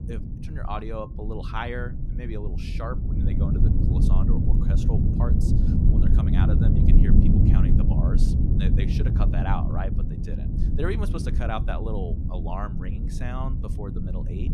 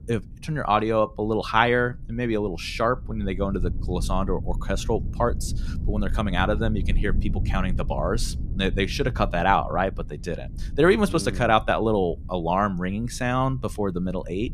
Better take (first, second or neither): second